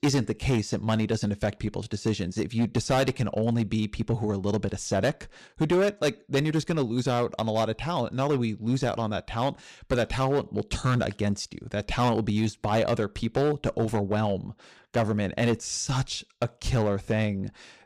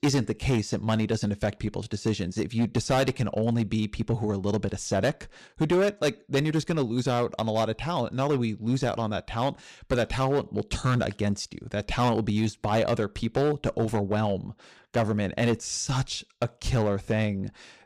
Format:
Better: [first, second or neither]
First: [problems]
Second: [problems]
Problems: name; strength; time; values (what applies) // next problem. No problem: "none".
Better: neither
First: distortion; slight; 6% of the sound clipped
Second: distortion; slight; 6% of the sound clipped